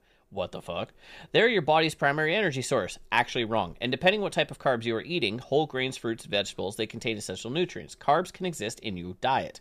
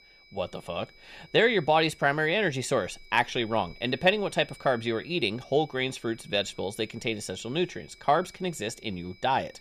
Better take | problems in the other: first | high-pitched whine; faint; throughout; 2.5 kHz, 25 dB below the speech

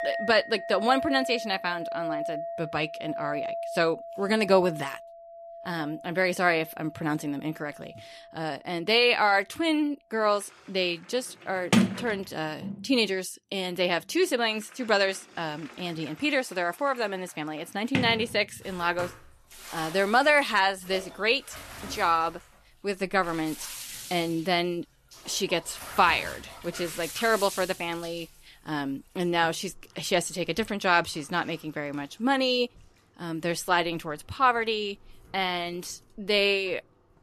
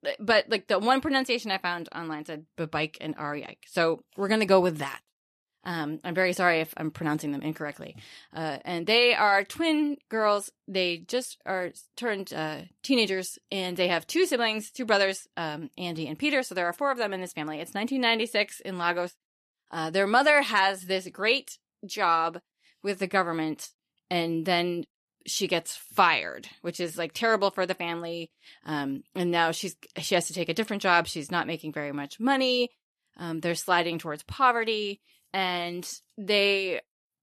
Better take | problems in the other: second | household noises; loud; throughout; 9 dB below the speech

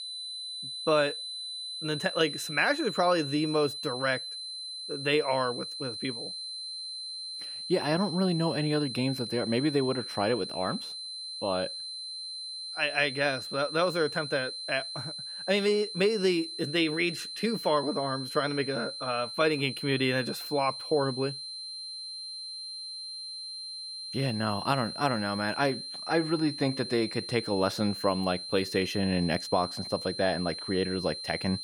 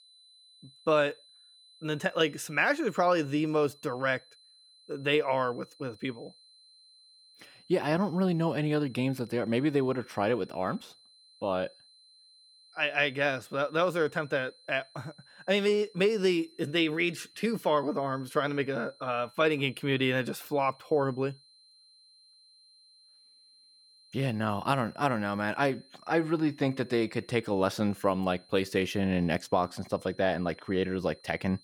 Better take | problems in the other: second | high-pitched whine; loud; throughout; 4 kHz, 7 dB below the speech; faint in the second

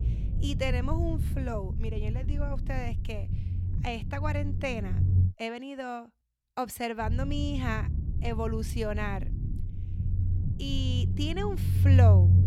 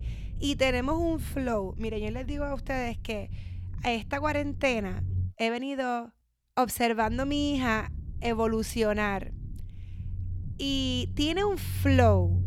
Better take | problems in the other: second | low rumble; loud; until 5.5 s and from 7 s on; 8 dB below the speech; faint in the second

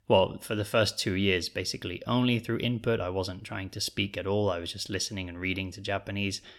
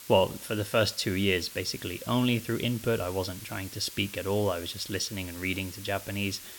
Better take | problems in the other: first | hiss; noticeable; throughout; 15 dB below the speech

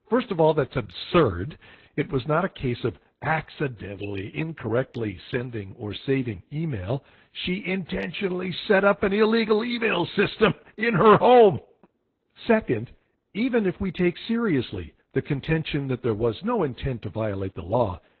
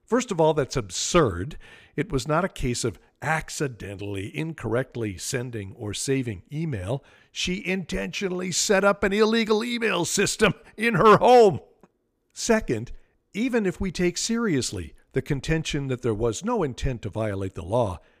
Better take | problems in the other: second | garbled, watery; badly; nothing above 4 kHz

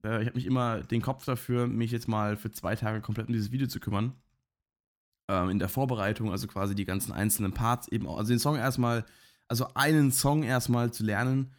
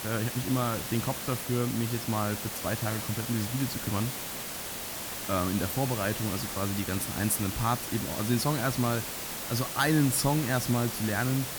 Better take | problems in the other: first | hiss; loud; throughout; 4 dB below the speech

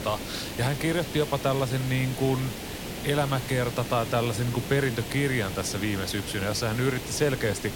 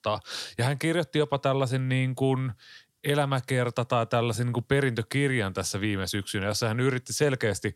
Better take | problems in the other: second | hiss; loud; throughout; 8 dB below the speech

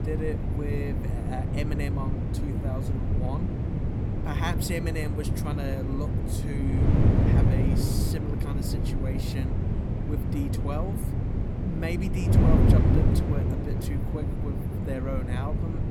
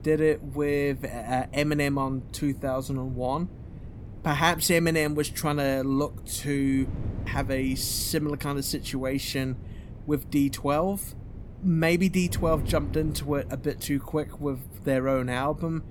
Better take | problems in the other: second | wind noise on the microphone; heavy; 2 dB above the speech; occasional gusts in the second

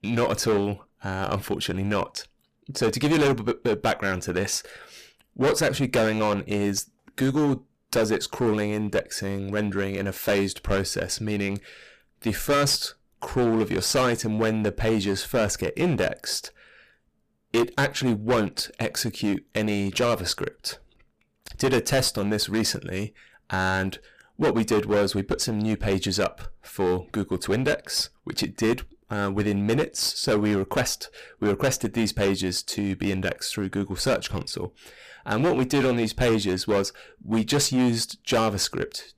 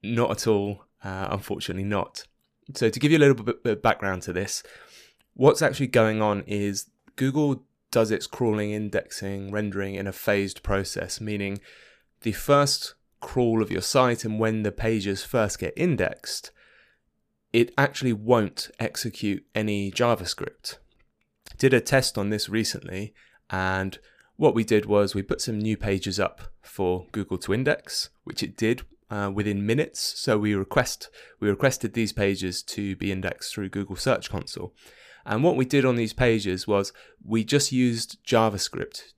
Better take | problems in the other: second | distortion; heavy; 10% of the sound clipped

